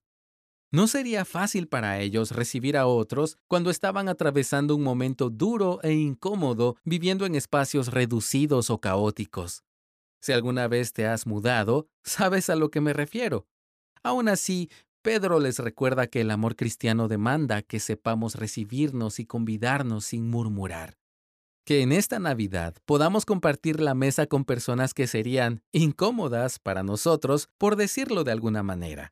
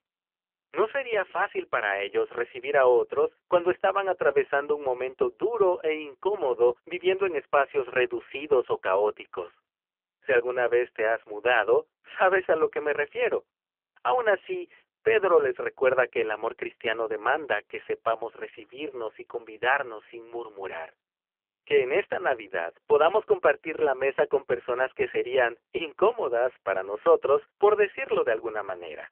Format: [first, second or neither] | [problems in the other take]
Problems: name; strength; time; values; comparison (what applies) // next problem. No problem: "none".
first | phone-call audio; poor line; nothing above 3 kHz